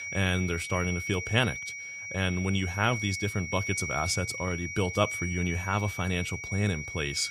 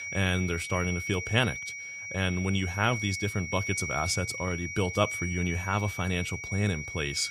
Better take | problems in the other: neither | high-pitched whine; loud; throughout; 2 kHz, 5 dB below the speech; the same in both

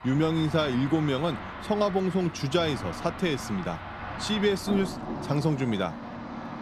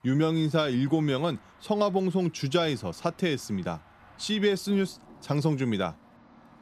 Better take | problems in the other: second | traffic noise; loud; throughout; 10 dB below the speech; faint in the second

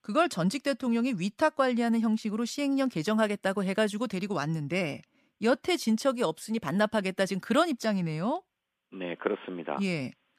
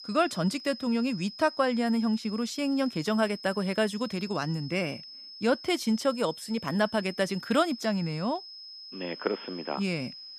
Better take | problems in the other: first | high-pitched whine; noticeable; throughout; 5 kHz, 15 dB below the speech

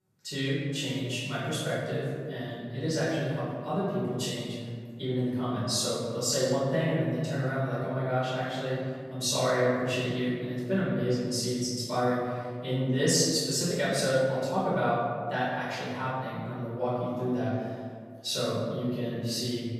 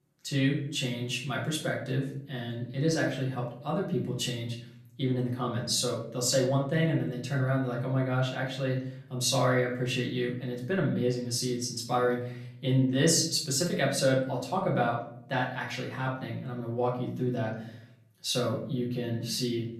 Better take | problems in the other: second | room echo; strong; dies away in 1.8 s; slight in the second // off-mic speech; far; far in the second

